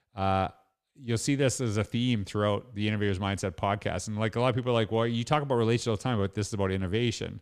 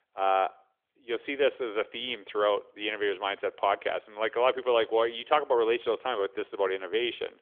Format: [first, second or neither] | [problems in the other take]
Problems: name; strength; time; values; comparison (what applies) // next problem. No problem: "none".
first | phone-call audio; nothing above 3.5 kHz